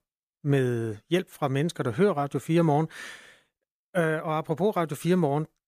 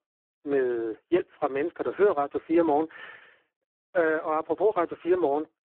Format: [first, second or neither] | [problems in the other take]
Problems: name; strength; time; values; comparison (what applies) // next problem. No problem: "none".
first | phone-call audio; poor line